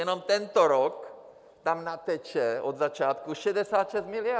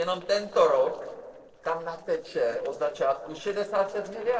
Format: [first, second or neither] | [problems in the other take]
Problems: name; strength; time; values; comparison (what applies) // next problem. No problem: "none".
first | noise reduction (neural separator model SepFormer DNS4)